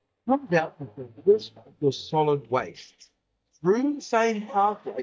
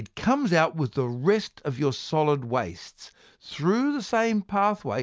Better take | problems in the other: second | noise reduction (neural mask model DeepFilterNet 3)

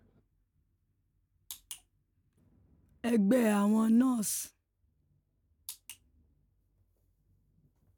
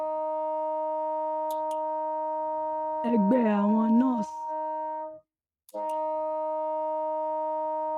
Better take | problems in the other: first | noise reduction (neural mask model RNNoise)

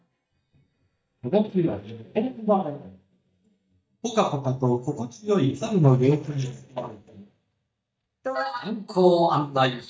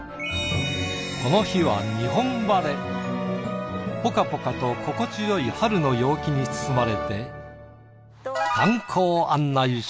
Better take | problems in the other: second | noise reduction (neural mask model DeepFilterNet 3)

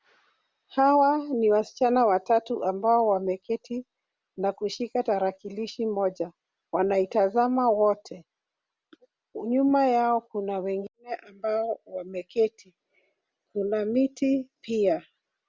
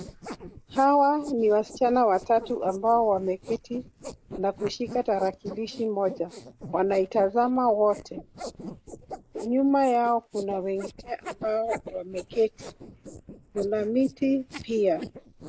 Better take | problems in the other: first | noise reduction (neural mask model Resemble Enhance denoiser)

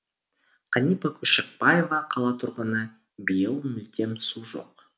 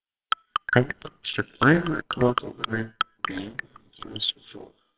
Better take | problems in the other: first | noise reduction (neural separator model SepFormer WHAMR!)

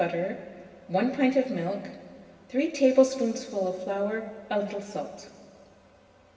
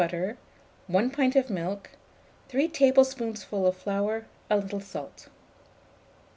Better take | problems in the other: second | room echo; dies away in 2 s

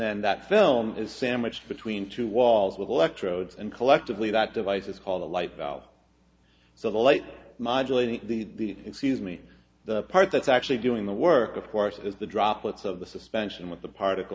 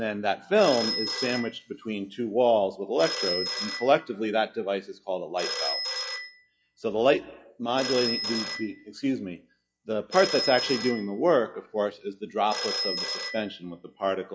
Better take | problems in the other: first | noise reduction (classical method log-MMSE)

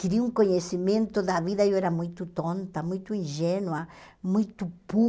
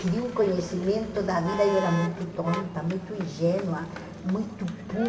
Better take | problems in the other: first | background sound (Motor vehicle (road)); 11 dB below the speech // room echo; dies away in 2.7 s

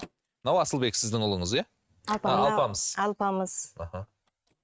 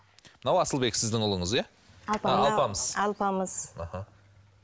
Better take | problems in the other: second | noise reduction (neural mask model RNNoise)

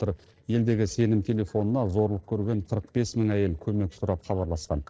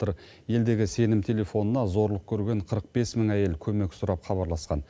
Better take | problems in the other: second | noise reduction (neural separator model SepFormer DNS4)

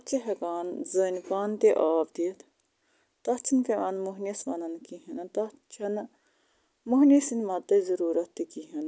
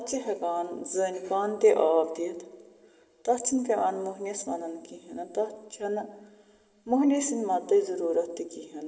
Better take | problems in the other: first | room echo; dies away in 1.9 s

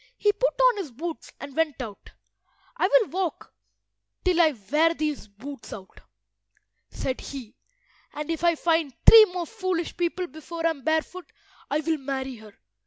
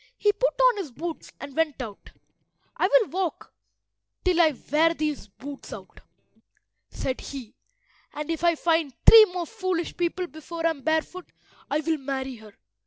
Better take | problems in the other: first | noise reduction (neural separator model SepFormer DNS4)

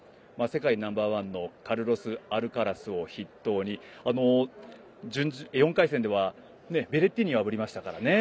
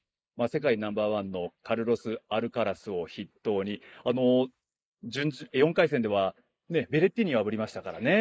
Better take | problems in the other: first | noise reduction (neural mask model Resemble Enhance denoiser)

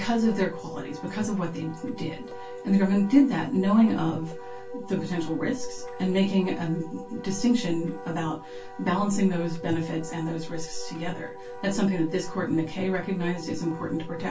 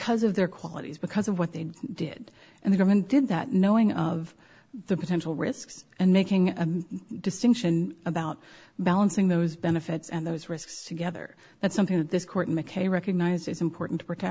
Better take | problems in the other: second | background sound (Wind instrument, woodwind instrument); 14 dB below the speech // room echo; dies away in 0.2 s

